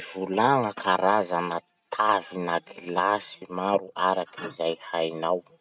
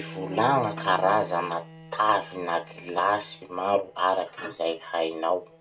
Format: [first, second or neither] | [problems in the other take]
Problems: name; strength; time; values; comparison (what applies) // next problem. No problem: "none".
first | background sound (Bowed string instrument); 17 dB below the speech // room echo; dies away in 0.2 s